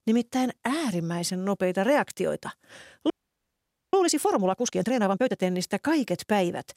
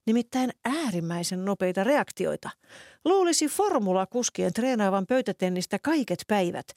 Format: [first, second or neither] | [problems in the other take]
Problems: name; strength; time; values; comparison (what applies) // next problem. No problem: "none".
second | audio freezing; at 3 s for 1 s